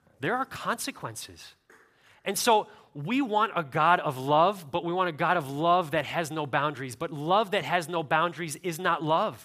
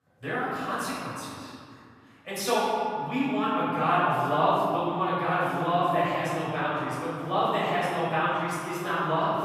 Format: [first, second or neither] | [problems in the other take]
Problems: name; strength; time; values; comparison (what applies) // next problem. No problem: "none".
first | room echo; strong; dies away in 2 s // off-mic speech; far